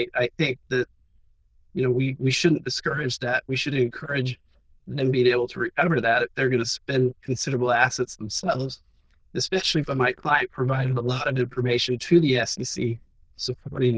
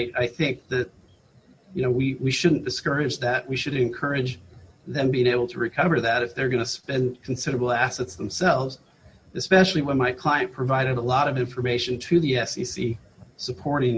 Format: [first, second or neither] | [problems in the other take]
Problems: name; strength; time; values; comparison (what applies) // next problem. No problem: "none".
second | noise reduction (neural diffusion model UNIVERSE++)